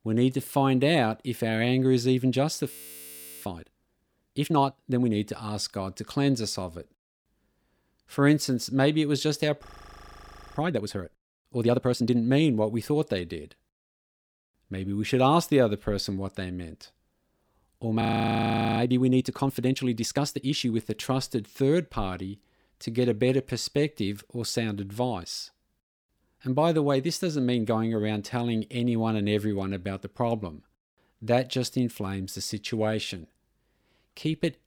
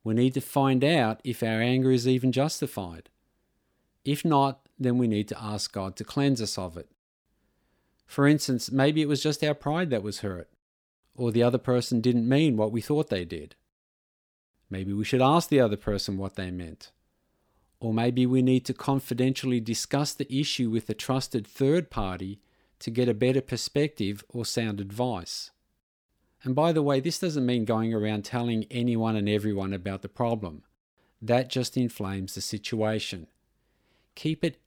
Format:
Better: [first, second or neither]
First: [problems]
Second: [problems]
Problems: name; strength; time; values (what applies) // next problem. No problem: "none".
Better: second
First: audio freezing; at 2.5 s for 0.5 s, at 9.5 s for 1 s and at 18 s for 1 s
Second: none